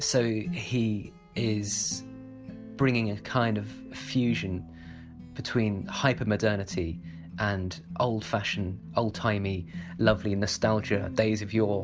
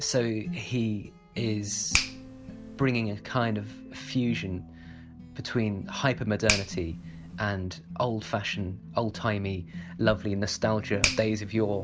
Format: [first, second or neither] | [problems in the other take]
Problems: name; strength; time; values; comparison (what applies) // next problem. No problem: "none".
first | background sound (Finger snapping); 9 dB below the speech